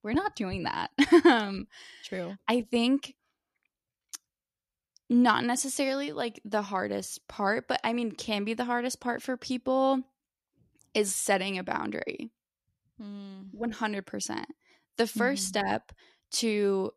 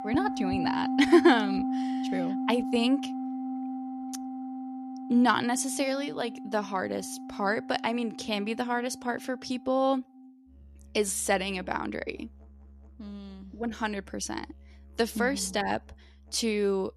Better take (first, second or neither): first